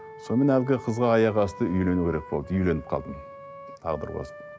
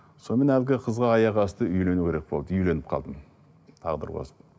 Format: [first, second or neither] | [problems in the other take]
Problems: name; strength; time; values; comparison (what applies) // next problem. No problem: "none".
second | background sound (Wind instrument, woodwind instrument); 17 dB below the speech